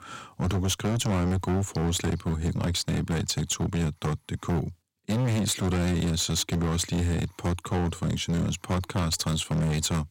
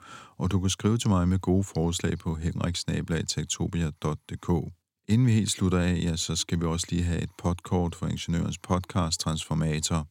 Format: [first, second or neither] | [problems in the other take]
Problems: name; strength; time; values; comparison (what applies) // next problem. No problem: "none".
second | distortion; heavy; 24% of the sound clipped